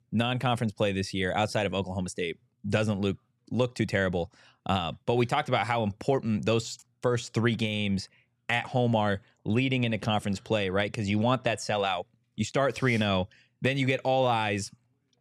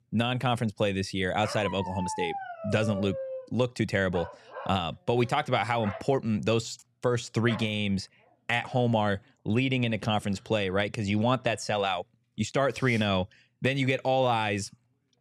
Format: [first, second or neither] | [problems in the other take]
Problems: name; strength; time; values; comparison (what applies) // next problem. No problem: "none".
first | dog barking; noticeable; from 1.5 to 9 s; peak 7 dB below the speech